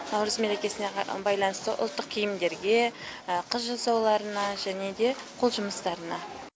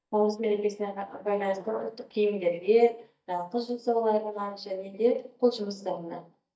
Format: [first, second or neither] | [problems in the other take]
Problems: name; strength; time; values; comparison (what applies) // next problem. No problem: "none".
first | noise reduction (neural mask model DeepFilterNet 3)